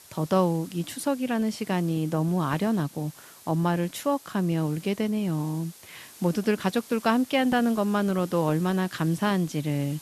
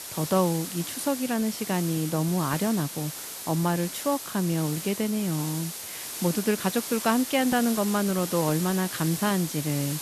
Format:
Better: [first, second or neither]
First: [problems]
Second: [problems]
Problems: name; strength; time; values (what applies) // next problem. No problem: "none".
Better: first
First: hiss; faint; throughout; 20 dB below the speech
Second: hiss; loud; throughout; 7 dB below the speech